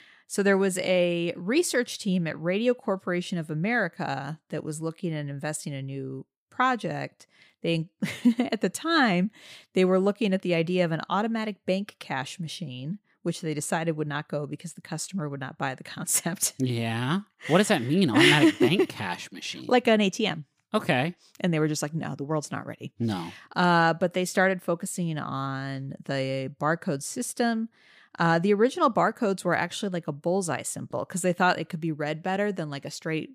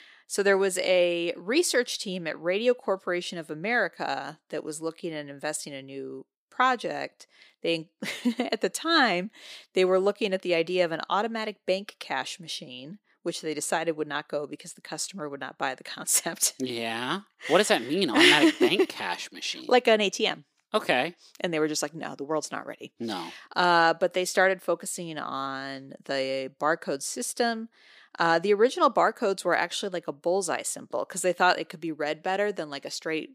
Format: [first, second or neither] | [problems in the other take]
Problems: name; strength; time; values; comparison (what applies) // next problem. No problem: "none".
first | thin; somewhat; fading below 400 Hz